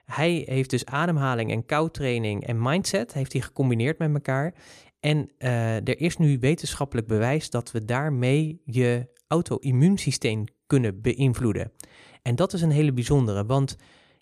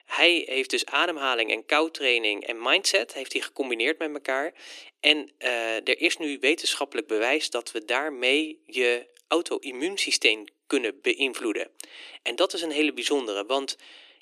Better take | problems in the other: first | thin; very; fading below 300 Hz

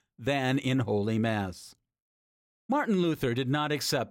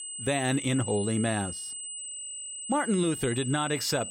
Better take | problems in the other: first | high-pitched whine; loud; throughout; 8 kHz, 7 dB below the speech

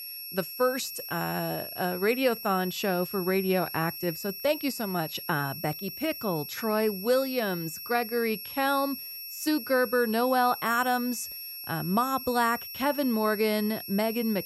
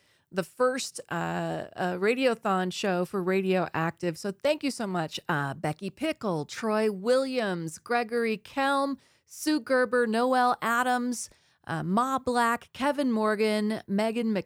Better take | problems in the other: second | high-pitched whine; loud; throughout; 11.5 kHz, 8 dB below the speech

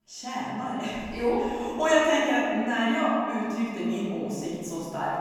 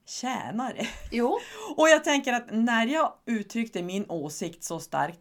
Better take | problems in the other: second | off-mic speech; far // room echo; strong; dies away in 2.2 s

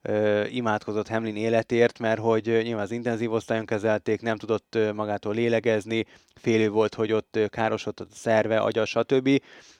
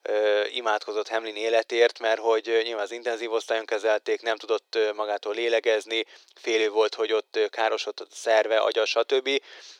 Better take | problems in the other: first | thin; very; fading below 400 Hz

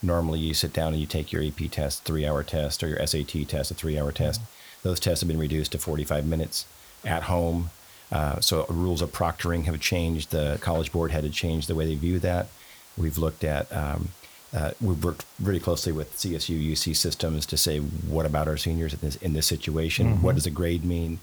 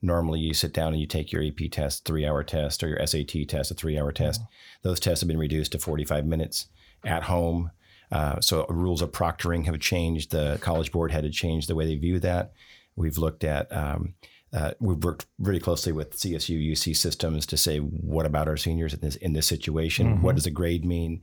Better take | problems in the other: second | hiss; faint; throughout; 20 dB below the speech

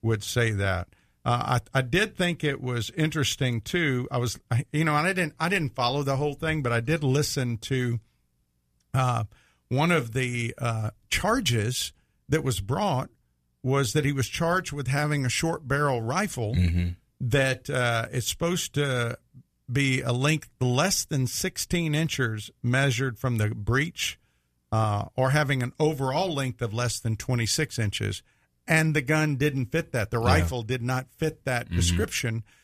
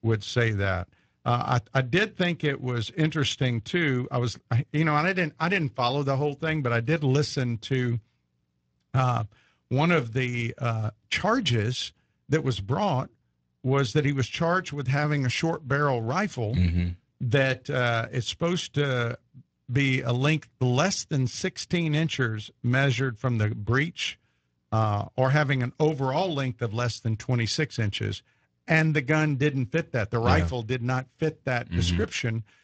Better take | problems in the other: first | garbled, watery; slightly; nothing above 7.5 kHz

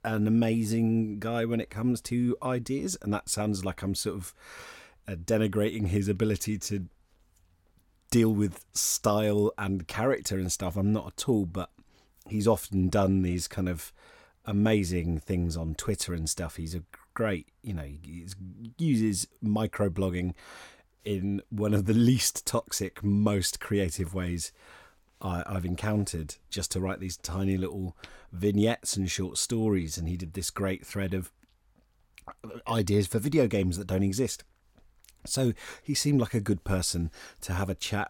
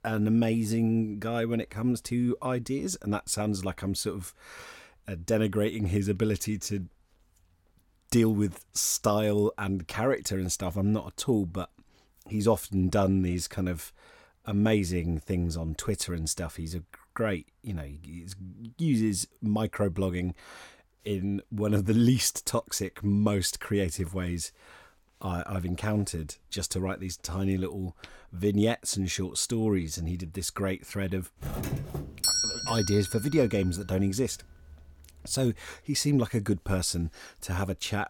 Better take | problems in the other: first | doorbell; loud; from 31 to 33 s; peak 5 dB above the speech

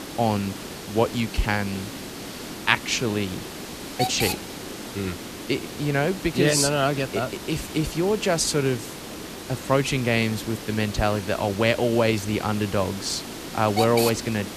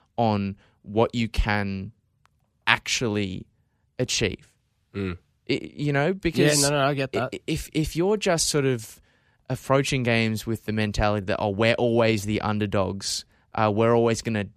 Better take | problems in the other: second | hiss; loud; throughout; 9 dB below the speech

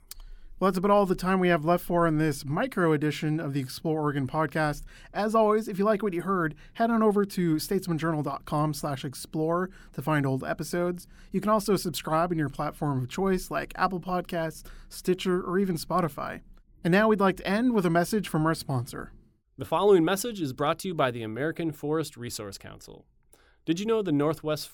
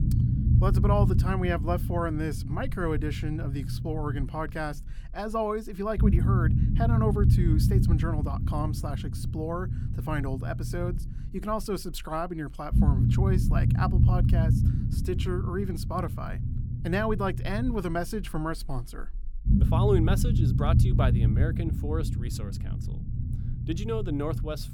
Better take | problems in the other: first | low rumble; loud; throughout; 6 dB below the speech

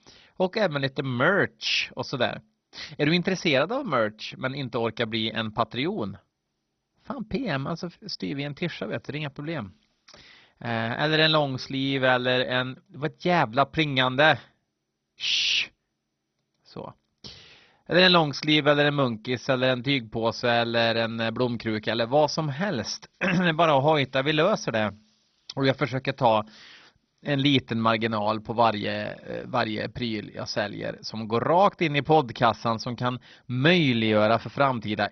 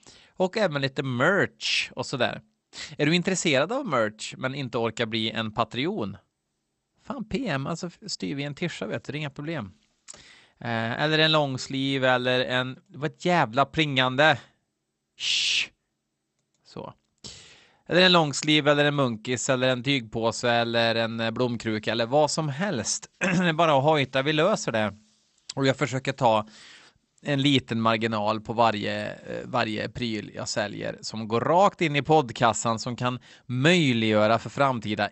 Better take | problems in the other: second | garbled, watery; badly; nothing above 6 kHz; slightly in the second

